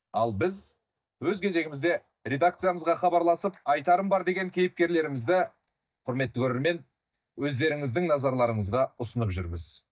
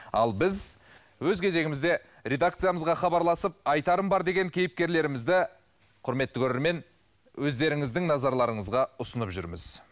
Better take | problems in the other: second | noise reduction (neural mask model DeepFilterNet 3)

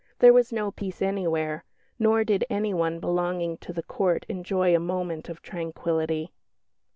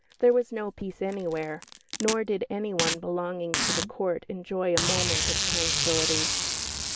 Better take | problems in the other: first | background sound (Packing tape, duct tape); 1 dB below the speech

